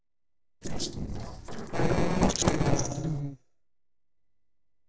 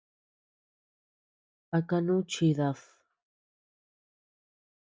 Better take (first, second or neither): second